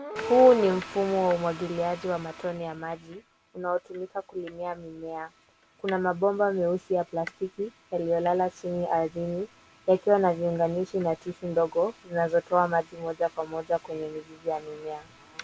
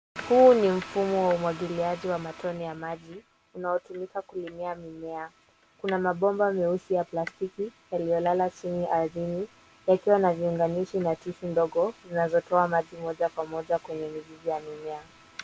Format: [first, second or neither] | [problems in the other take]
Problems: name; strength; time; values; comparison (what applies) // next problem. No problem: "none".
second | background sound (Livestock, farm animals, working animals); 19 dB below the speech